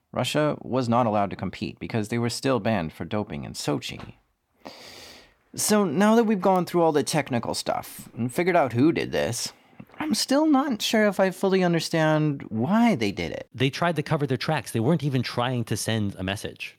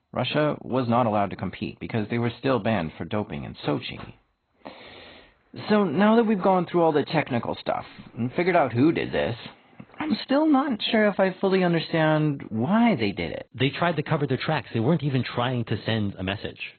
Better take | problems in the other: first | garbled, watery; badly; nothing above 4 kHz

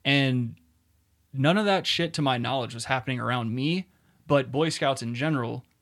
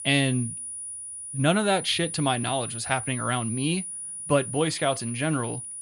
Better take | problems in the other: first | high-pitched whine; loud; throughout; 9.5 kHz, 7 dB below the speech

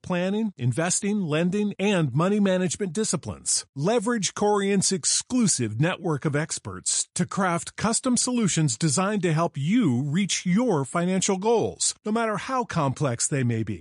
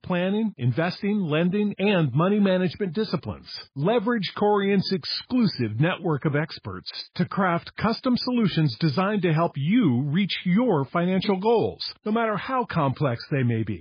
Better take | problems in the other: first | garbled, watery; badly; nothing above 5 kHz; slightly in the first

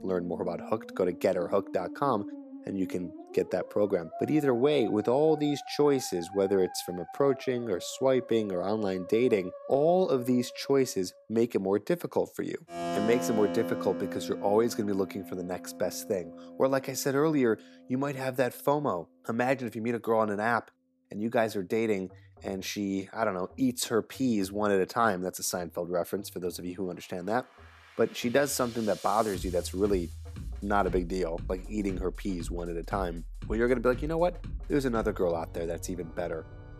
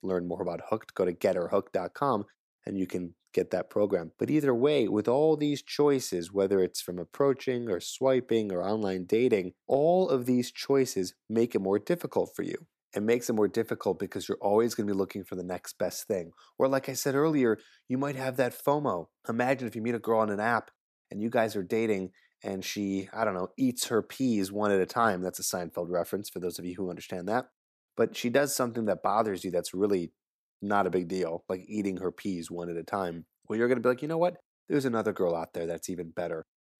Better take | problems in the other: second | background music; noticeable; throughout; 10 dB below the speech

